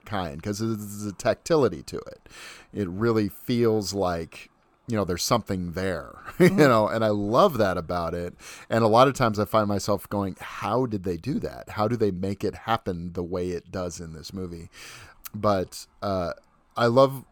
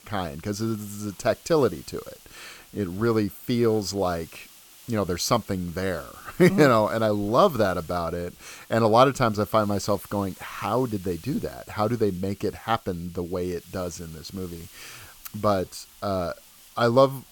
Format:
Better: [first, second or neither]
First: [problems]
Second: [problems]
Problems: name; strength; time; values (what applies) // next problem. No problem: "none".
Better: first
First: none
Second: hiss; faint; throughout; 25 dB below the speech